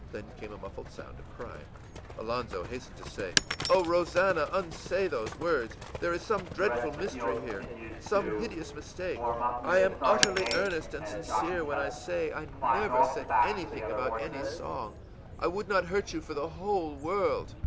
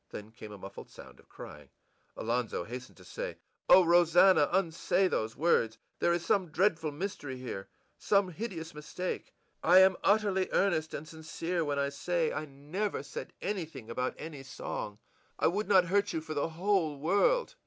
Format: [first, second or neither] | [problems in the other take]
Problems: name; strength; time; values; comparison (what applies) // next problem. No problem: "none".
second | background sound (Livestock, farm animals, working animals + Shatter); 2 dB below the speech